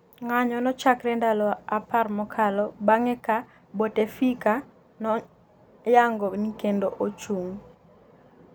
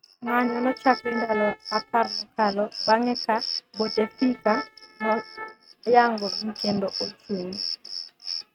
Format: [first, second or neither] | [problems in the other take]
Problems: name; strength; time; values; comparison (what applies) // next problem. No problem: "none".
first | noise reduction (neural mask model RNNoise)